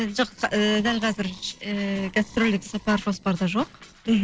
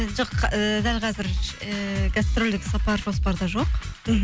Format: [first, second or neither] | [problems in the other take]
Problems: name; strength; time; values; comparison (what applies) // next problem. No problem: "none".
second | noise reduction (neural separator model SepFormer DNS4)